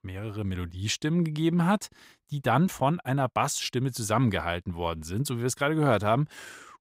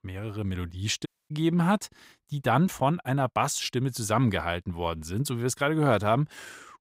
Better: first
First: none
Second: audio cutting out; at 1 s

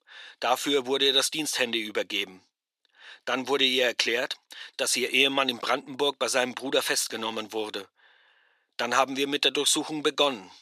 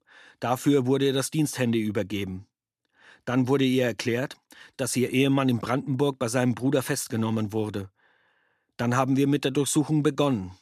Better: second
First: thin; somewhat; fading below 550 Hz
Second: none

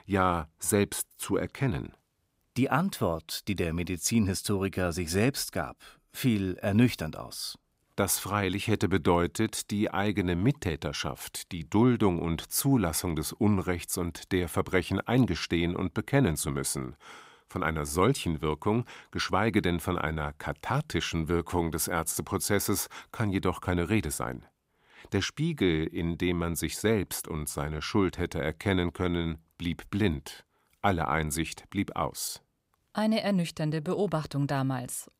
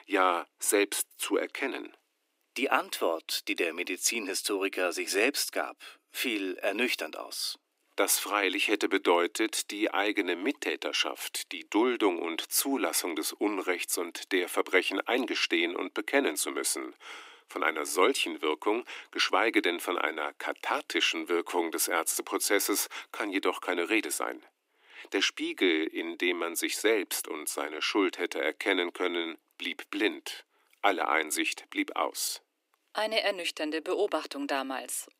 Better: first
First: none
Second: thin; somewhat; fading below 300 Hz

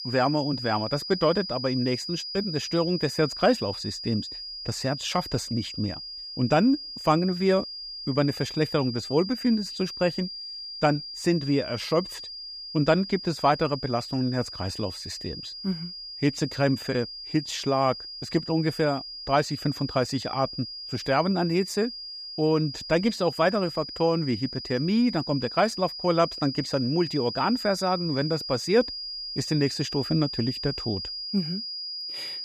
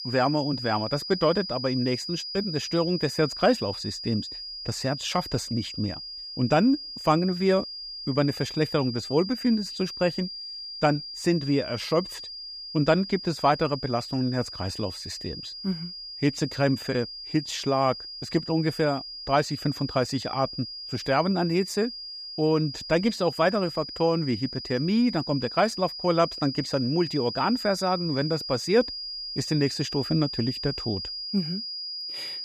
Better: neither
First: high-pitched whine; loud; throughout; 5 kHz, 8 dB below the speech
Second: high-pitched whine; loud; throughout; 5 kHz, 8 dB below the speech

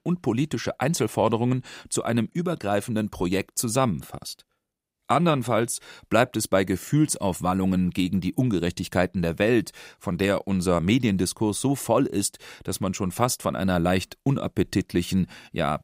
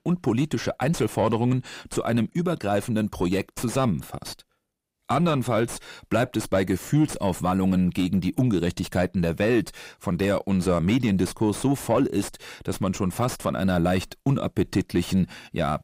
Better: first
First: none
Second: distortion; slight; 10 dB below the speech

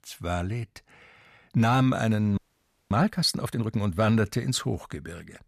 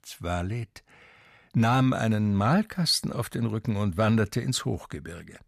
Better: second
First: audio freezing; at 2.5 s for 0.5 s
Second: none

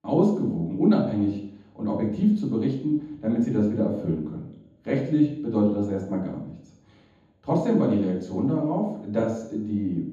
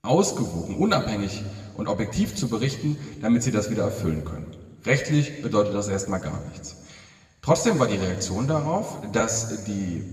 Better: second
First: room echo; strong; dies away in 0.9 s // off-mic speech; far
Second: room echo; slight; dies away in 1.5 s // off-mic speech; somewhat distant

